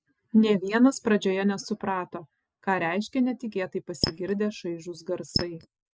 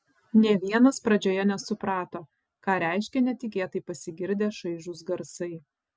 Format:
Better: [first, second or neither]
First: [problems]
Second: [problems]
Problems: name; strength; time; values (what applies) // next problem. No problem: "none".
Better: second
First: noise reduction (neural mask model Resemble Enhance denoiser)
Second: none